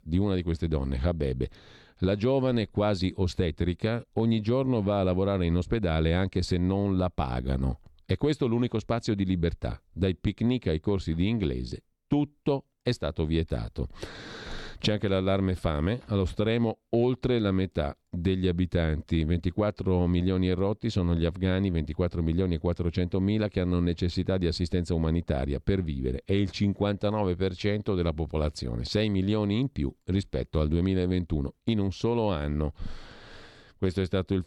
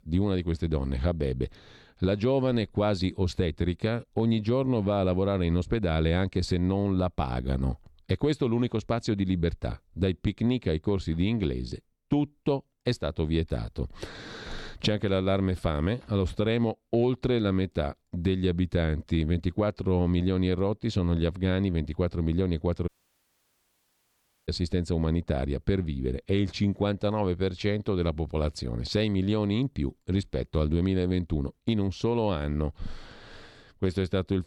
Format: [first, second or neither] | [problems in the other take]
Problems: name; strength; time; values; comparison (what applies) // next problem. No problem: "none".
first | audio cutting out; at 23 s for 1.5 s